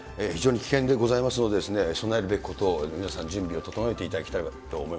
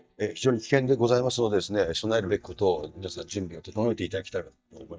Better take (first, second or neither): first